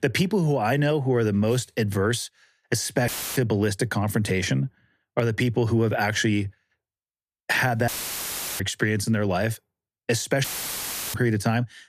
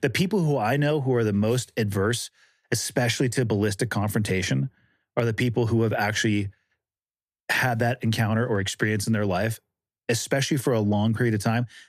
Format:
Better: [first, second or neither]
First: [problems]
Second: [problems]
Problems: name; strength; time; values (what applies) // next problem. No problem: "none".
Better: second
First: audio cutting out; filled with static; at 3 s, at 8 s for 0.5 s and at 10 s for 0.5 s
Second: none